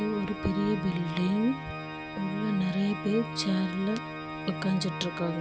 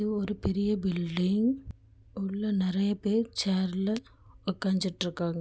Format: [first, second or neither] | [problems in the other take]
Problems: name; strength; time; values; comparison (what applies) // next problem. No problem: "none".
second | background sound (Organ); 6 dB below the speech